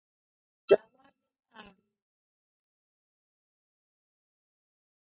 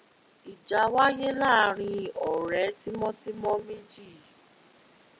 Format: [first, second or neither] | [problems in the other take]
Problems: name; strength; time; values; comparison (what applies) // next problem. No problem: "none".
second | noise reduction (neural mask model DeepFilterNet 3)